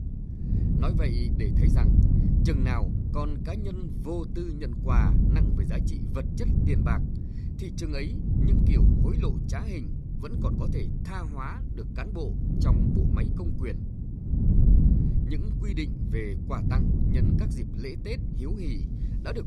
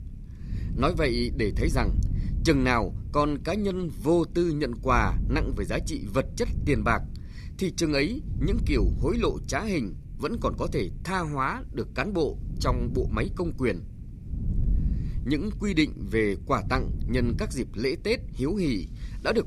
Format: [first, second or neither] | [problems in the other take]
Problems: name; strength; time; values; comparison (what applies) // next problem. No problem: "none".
second | wind noise on the microphone; heavy; as loud as the speech; occasional gusts in the second